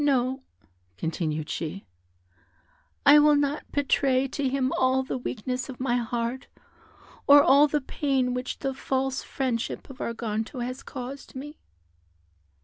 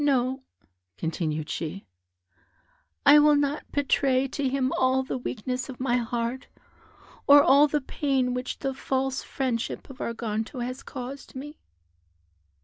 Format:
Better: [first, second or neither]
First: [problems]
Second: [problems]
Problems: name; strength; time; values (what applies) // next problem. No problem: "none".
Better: first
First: none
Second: noise reduction (neural mask model DeepFilterNet 3)